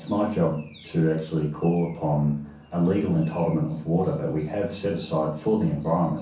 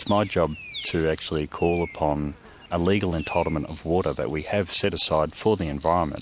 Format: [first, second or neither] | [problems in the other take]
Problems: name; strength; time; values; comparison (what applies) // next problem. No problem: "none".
second | room echo; dies away in 0.6 s